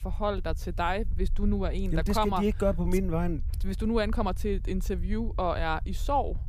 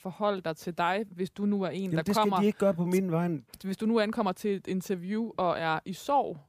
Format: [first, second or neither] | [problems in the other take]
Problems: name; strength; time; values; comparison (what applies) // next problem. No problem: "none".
second | low rumble; faint; throughout; 25 dB below the speech